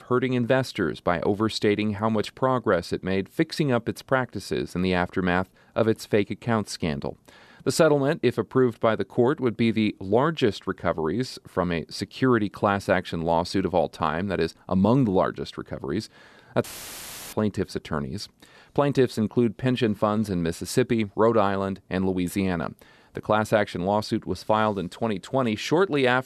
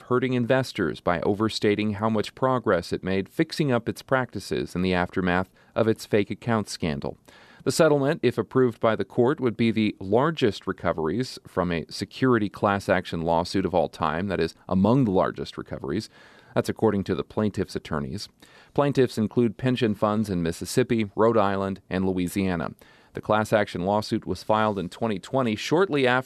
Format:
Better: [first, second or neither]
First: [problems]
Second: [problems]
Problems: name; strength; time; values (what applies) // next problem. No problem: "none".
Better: second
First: audio cutting out; filled with static; at 17 s for 0.5 s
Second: none